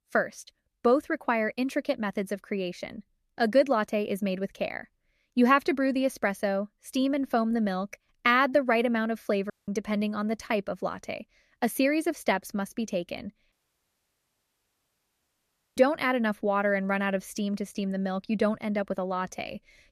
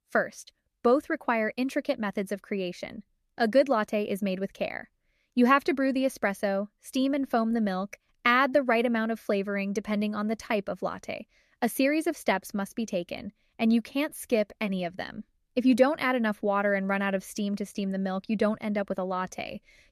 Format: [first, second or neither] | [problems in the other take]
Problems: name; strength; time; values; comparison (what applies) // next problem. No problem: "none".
second | audio cutting out; at 9.5 s and at 14 s for 2.5 s